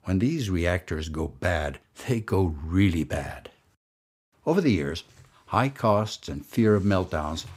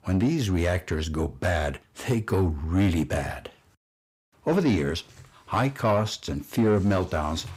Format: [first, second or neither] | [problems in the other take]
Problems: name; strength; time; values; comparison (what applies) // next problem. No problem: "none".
first | distortion; slight; 10 dB below the speech